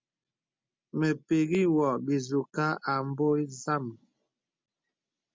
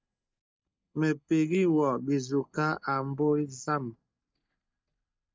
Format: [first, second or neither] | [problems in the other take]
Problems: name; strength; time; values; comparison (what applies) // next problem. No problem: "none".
first | noise reduction (neural mask model DeepFilterNet 3)